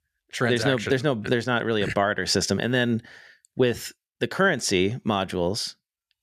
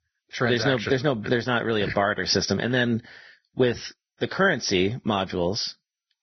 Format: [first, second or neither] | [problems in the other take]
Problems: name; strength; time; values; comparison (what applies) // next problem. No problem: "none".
first | garbled, watery; badly; nothing above 6 kHz